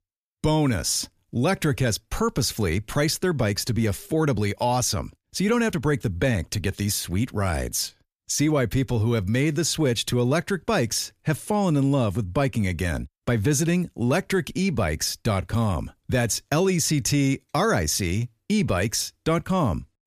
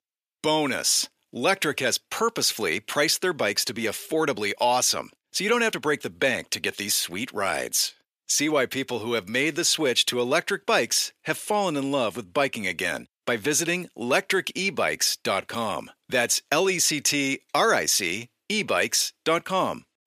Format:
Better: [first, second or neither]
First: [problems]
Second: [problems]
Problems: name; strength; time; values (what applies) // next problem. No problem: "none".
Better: first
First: none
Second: thin; somewhat; fading below 400 Hz